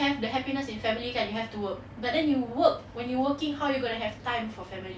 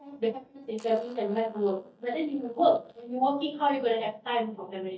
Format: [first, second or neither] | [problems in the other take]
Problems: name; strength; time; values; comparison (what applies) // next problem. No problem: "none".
first | noise reduction (neural mask model DeepFilterNet 3)